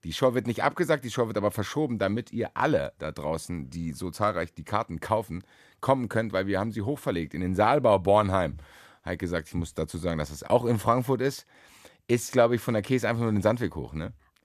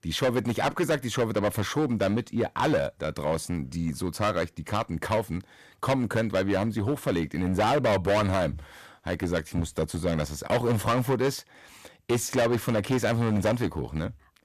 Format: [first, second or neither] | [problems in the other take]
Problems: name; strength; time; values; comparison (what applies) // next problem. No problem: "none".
first | distortion; heavy; 11% of the sound clipped